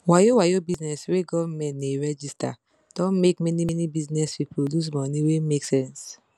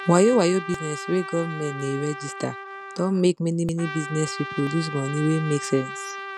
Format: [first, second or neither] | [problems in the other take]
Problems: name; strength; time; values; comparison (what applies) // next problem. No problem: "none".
first | background sound (Trumpet); 11 dB below the speech